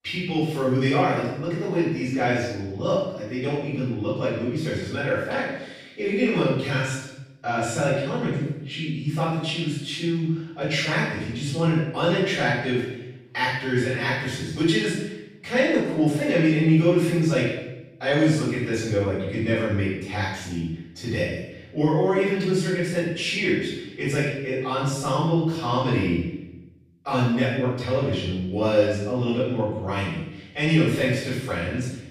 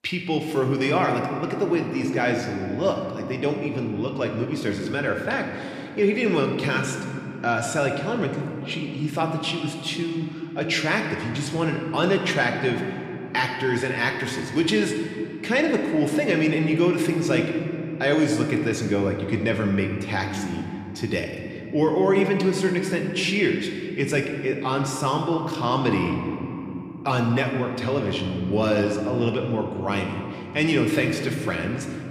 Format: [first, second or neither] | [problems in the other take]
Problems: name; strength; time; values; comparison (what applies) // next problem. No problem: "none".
second | room echo; strong; dies away in 0.8 s; slight in the second // off-mic speech; far